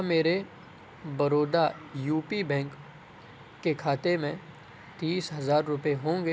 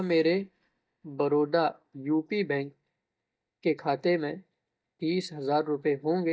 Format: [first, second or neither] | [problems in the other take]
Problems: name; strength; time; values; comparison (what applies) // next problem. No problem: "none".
first | noise reduction (neural mask model DeepFilterNet 3)